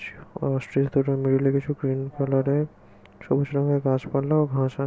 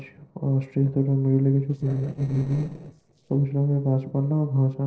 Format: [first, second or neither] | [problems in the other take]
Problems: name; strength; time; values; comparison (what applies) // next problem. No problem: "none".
first | noise reduction (neural separator model SepFormer DNS4)